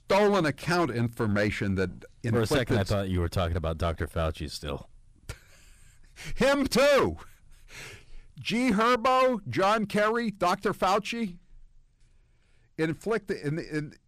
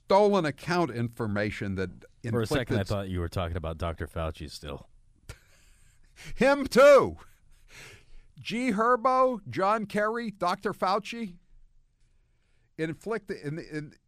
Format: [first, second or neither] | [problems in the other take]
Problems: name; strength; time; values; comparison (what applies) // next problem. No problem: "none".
second | distortion; heavy; 7% of the sound clipped